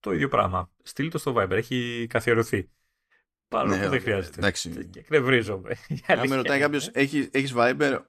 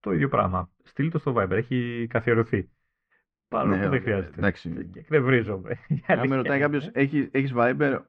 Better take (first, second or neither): first